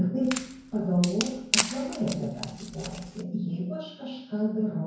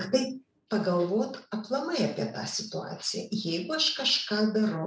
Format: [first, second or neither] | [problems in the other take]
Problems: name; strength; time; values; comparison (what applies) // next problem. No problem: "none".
second | background sound (Wood); 4 dB below the speech // room echo; dies away in 0.9 s